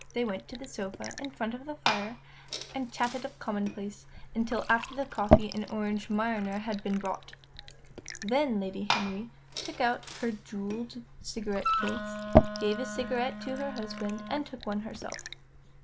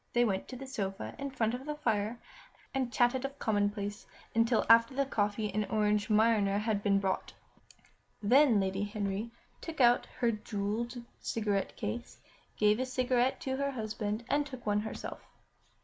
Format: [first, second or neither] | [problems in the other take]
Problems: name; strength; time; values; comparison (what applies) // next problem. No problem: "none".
second | background sound (Wind instrument, woodwind instrument + Fill (with liquid) / Glass); as loud as the speech